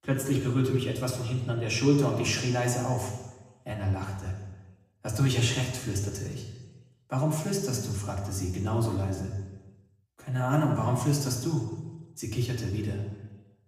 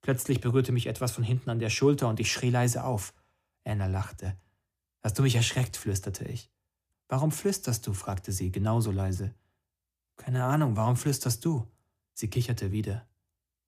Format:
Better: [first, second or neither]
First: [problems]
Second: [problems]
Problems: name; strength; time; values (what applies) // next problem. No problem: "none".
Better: second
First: room echo; noticeable; dies away in 1 s // off-mic speech; far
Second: none